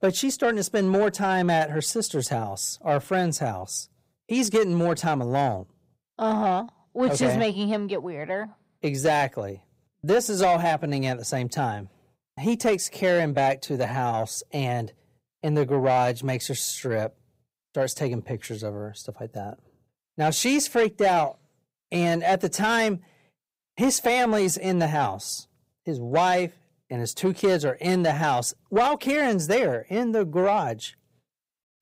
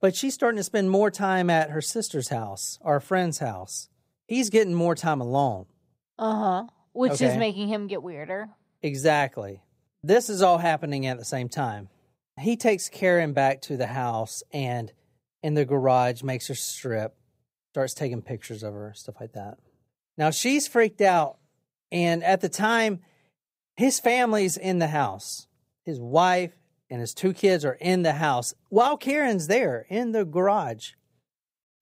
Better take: second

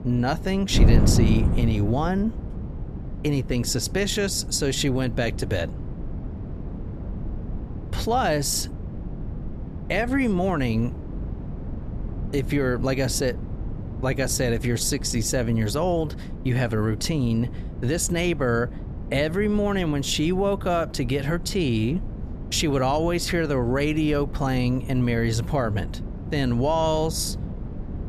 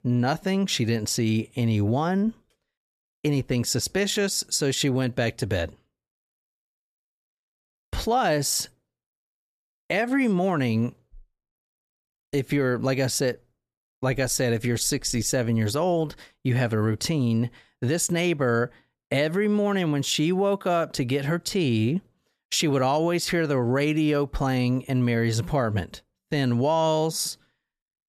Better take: second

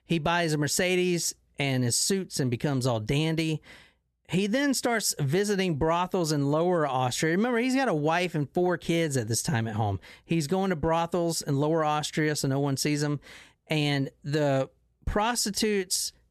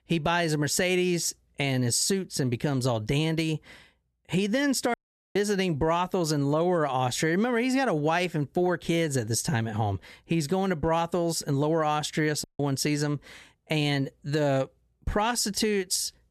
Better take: first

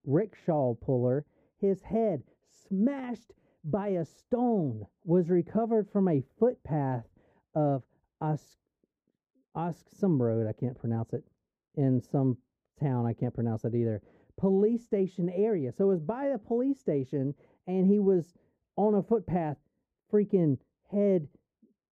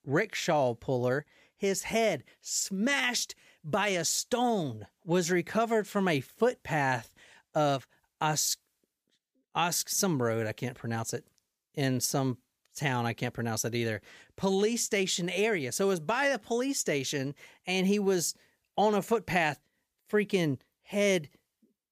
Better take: second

